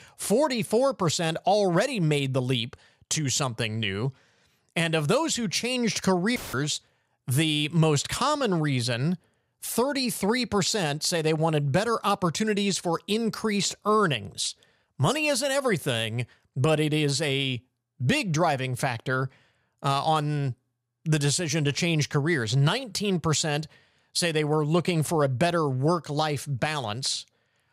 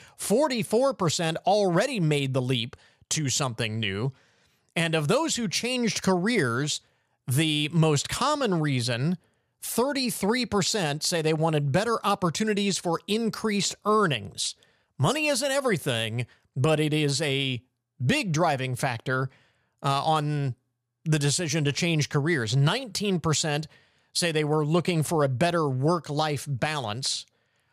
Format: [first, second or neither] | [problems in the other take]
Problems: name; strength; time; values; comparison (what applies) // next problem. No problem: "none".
second | audio cutting out; filled with static; at 6.5 s